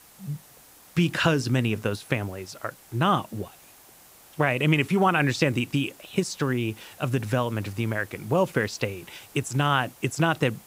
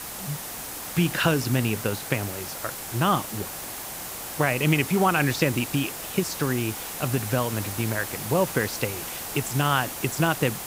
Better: first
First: hiss; faint; throughout; 25 dB below the speech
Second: hiss; loud; throughout; 7 dB below the speech

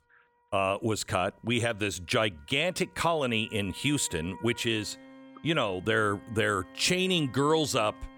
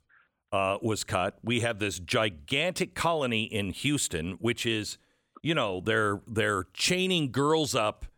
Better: second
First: background music; faint; throughout; 25 dB below the speech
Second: none

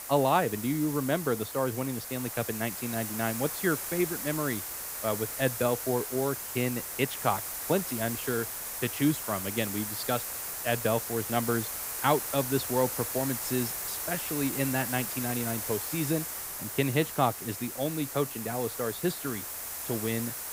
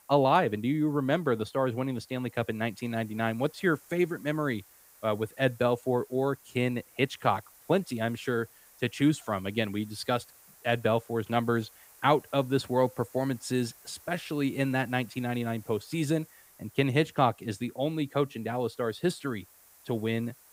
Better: second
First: hiss; loud; throughout; 3 dB below the speech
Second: hiss; faint; throughout; 25 dB below the speech

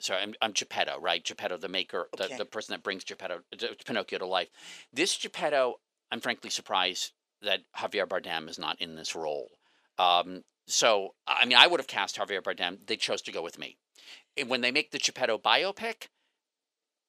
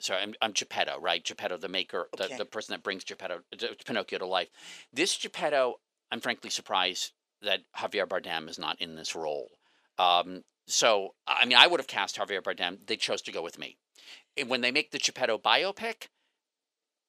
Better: neither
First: thin; very; fading below 500 Hz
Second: thin; very; fading below 500 Hz

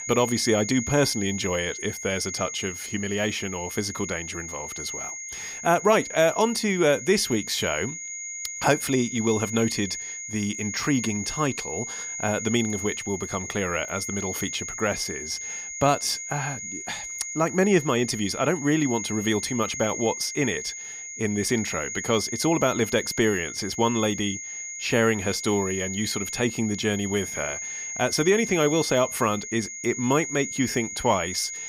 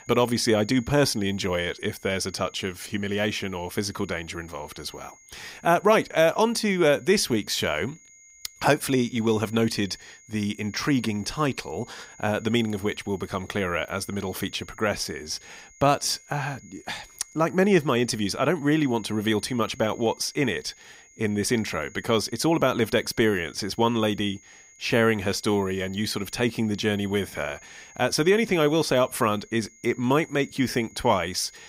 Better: second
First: high-pitched whine; loud; throughout; 6.5 kHz, 7 dB below the speech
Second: high-pitched whine; faint; throughout; 6.5 kHz, 25 dB below the speech

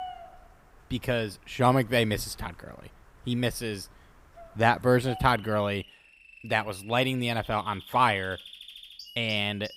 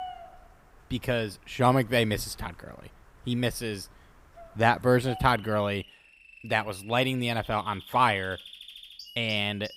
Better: neither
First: animal sounds; faint; throughout; 20 dB below the speech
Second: animal sounds; faint; throughout; 20 dB below the speech

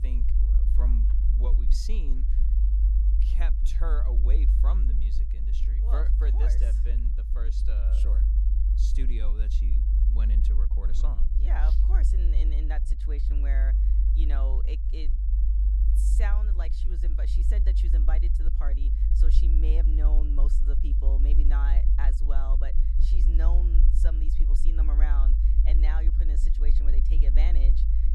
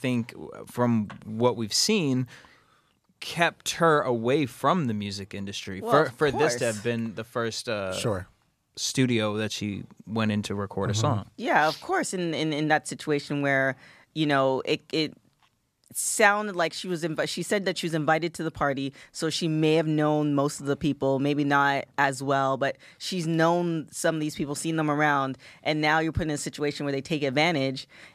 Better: second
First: low rumble; loud; throughout; 3 dB below the speech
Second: none

